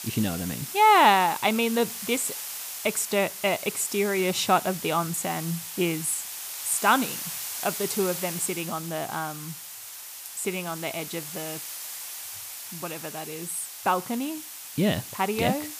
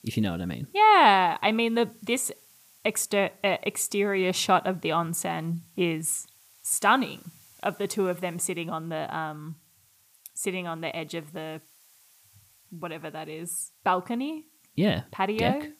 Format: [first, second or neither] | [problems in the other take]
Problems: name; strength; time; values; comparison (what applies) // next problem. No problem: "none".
second | hiss; loud; throughout; 8 dB below the speech; faint in the second